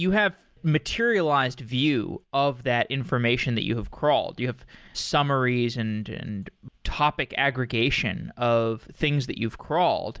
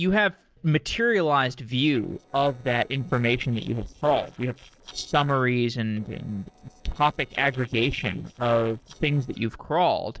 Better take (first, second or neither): first